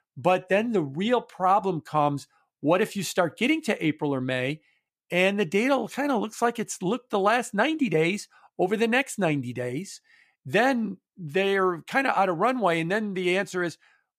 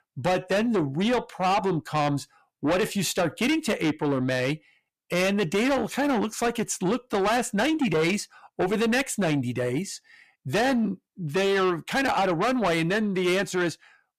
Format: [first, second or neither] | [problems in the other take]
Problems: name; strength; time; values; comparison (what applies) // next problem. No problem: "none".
first | distortion; heavy; 7 dB below the speech